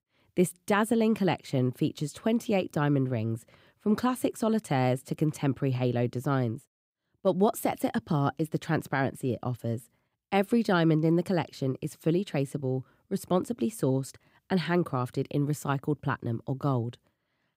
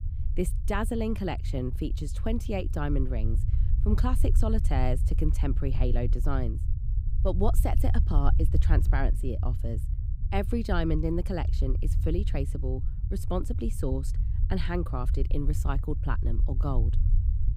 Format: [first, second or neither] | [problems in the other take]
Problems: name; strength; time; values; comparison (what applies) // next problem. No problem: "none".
first | low rumble; noticeable; throughout; 10 dB below the speech